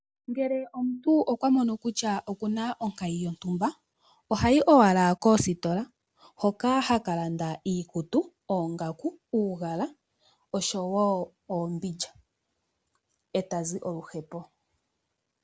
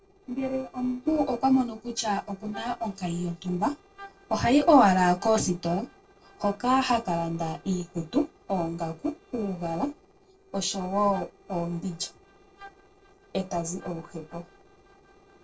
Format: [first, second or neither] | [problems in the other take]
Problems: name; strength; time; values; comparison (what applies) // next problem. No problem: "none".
first | noise reduction (neural separator model SepFormer DNS4)